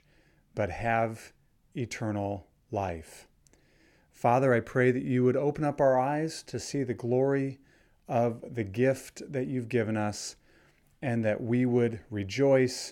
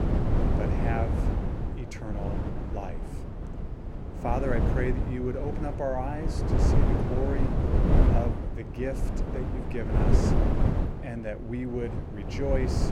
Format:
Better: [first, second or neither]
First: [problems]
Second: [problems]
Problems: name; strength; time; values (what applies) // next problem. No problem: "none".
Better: first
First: none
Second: wind noise on the microphone; heavy; 1 dB below the speech